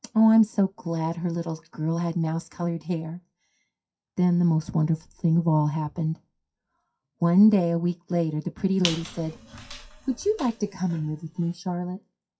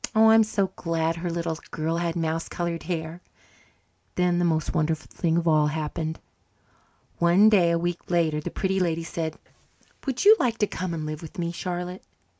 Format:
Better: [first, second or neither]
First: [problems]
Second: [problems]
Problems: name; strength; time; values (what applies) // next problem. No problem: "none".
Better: second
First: noise reduction (classical method WPE with log-MMSE)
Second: none